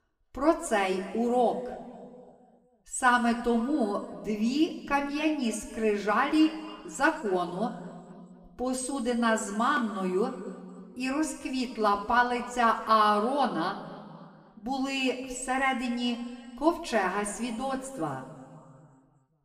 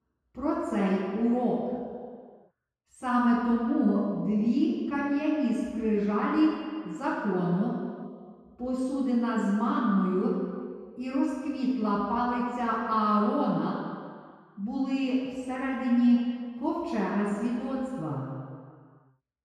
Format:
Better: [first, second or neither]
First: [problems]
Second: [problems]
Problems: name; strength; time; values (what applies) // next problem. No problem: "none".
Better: first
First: room echo; slight; dies away in 1.9 s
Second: room echo; strong; dies away in 2 s // off-mic speech; far